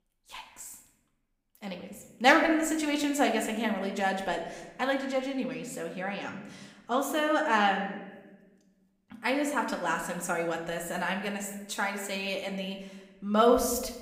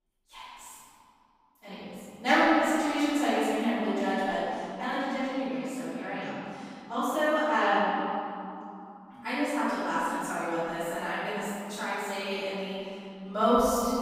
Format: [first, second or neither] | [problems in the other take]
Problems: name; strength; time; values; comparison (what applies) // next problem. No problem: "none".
first | room echo; strong; dies away in 2.6 s; slight in the first // off-mic speech; far